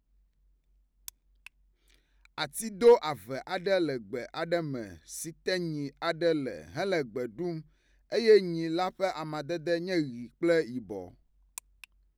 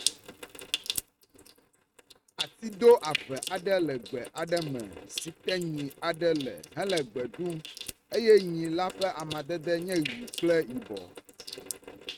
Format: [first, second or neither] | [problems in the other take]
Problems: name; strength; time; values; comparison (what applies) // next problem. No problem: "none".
first | noise reduction (neural mask model RNNoise)